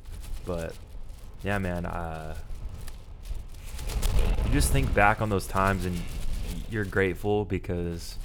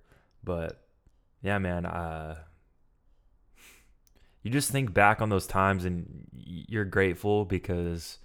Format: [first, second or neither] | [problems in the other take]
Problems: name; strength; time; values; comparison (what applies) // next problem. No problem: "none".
second | wind noise on the microphone; occasional gusts; 15 dB below the speech